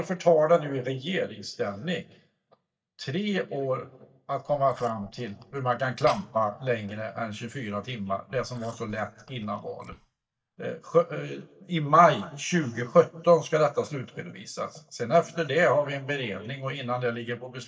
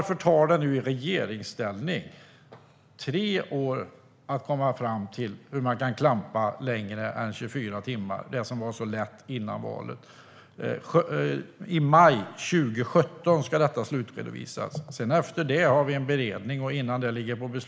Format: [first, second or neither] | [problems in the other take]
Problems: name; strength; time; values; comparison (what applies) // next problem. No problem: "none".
second | noise reduction (neural mask model DeepFilterNet 3)